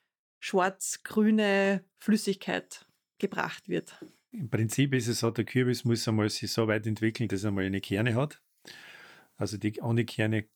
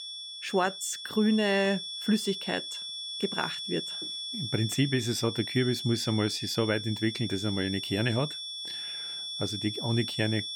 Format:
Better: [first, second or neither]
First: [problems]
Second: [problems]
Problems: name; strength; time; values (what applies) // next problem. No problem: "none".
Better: first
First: none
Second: high-pitched whine; loud; throughout; 3.5 kHz, 5 dB below the speech